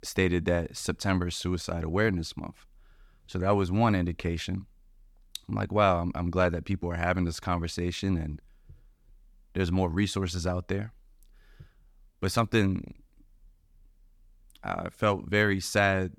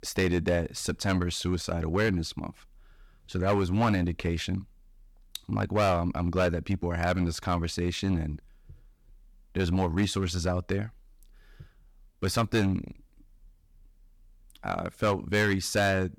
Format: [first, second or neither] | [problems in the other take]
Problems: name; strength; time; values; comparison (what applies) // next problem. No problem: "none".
first | distortion; slight; 4% of the sound clipped